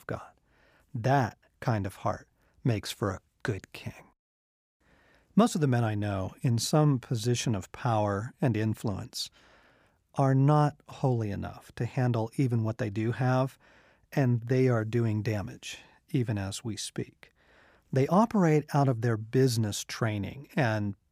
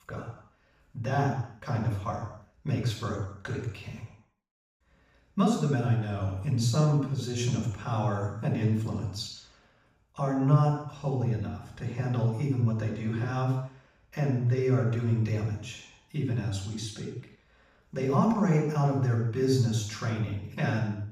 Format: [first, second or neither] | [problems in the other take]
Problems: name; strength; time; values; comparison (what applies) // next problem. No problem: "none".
first | room echo; noticeable; dies away in 0.6 s // off-mic speech; far